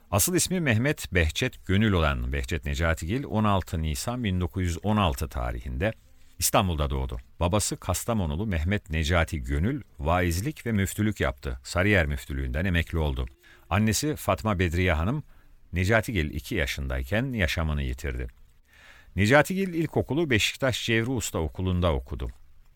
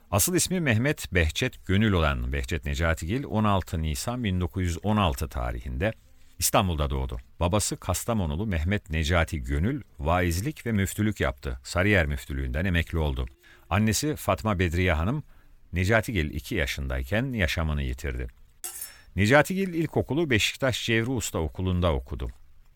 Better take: first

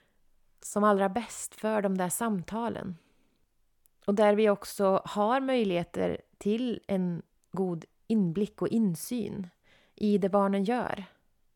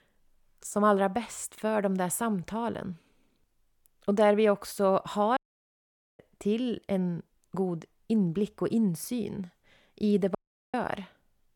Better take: first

